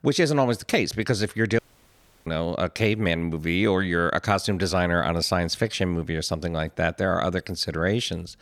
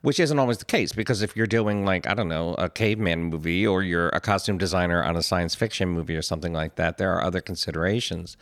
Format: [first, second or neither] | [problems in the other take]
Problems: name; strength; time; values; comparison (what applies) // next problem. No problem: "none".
second | audio cutting out; at 1.5 s for 0.5 s